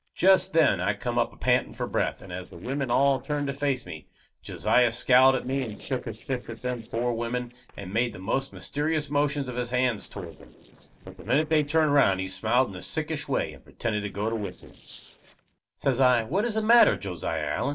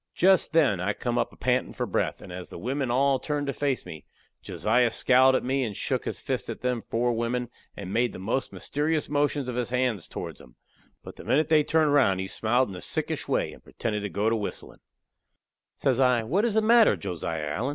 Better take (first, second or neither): second